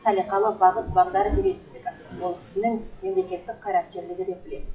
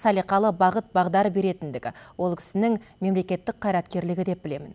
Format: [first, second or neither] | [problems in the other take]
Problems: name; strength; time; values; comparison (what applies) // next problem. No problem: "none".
second | noise reduction (classical method WPE with log-MMSE)